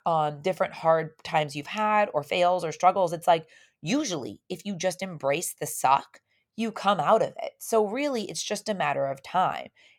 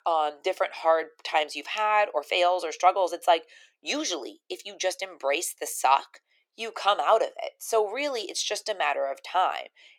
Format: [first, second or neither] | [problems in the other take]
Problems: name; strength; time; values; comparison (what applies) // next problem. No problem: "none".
first | thin; somewhat; fading below 350 Hz